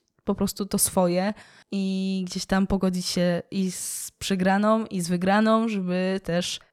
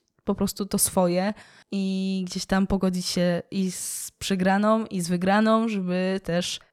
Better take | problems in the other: neither | none

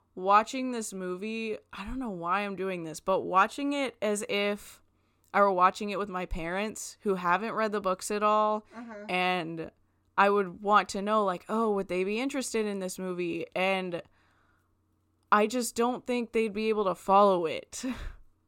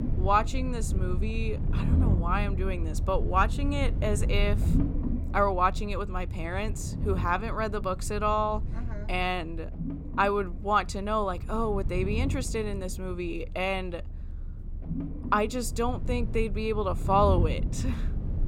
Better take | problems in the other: first | low rumble; noticeable; throughout; 15 dB below the speech

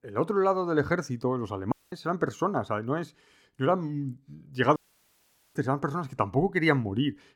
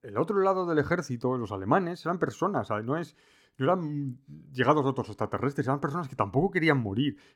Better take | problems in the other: second | audio cutting out; at 1.5 s and at 5 s for 1 s

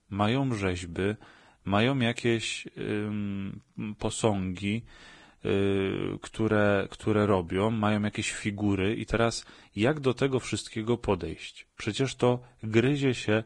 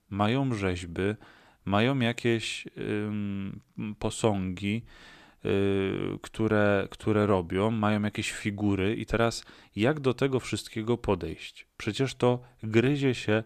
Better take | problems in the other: second | garbled, watery; badly

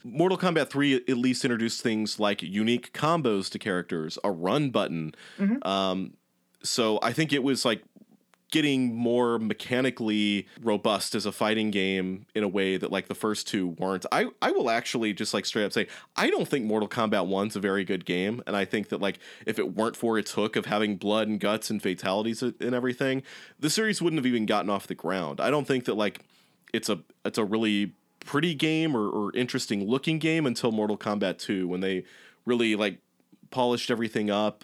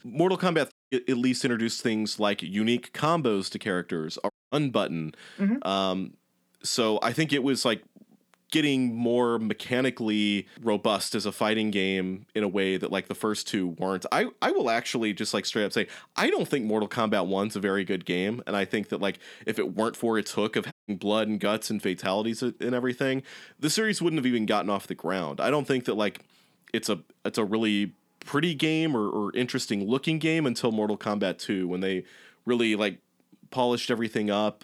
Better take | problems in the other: first | audio cutting out; at 0.5 s, at 4.5 s and at 21 s

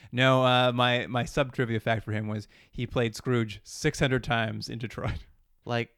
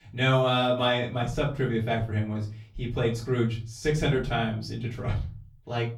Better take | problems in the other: first | off-mic speech; far // room echo; slight; dies away in 0.4 s

